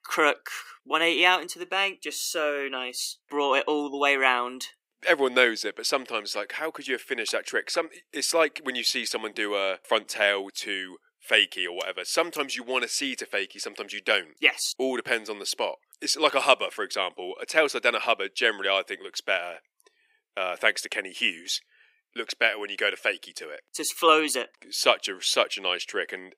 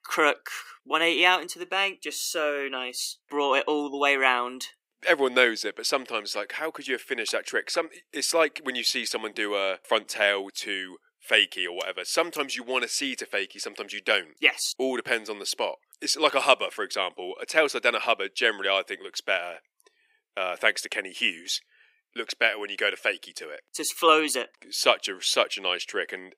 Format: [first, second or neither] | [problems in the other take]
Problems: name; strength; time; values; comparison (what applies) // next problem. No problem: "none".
neither | thin; somewhat; fading below 300 Hz; the same in both